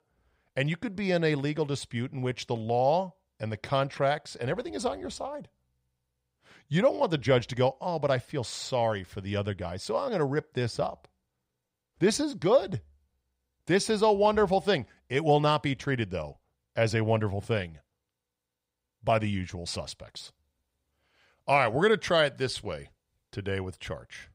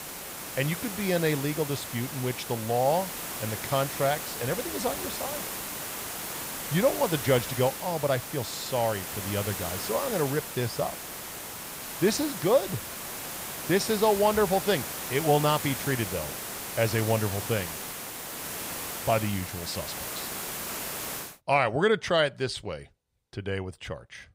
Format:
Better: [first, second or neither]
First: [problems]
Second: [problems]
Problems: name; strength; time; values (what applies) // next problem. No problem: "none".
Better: first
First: none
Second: hiss; loud; until 21 s; 6 dB below the speech